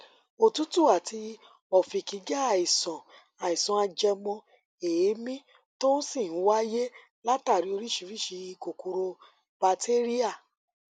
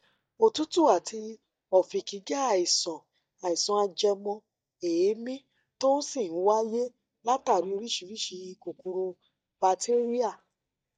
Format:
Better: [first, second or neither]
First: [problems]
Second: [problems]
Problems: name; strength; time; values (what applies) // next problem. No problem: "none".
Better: first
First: none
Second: noise reduction (neural mask model DeepFilterNet 3)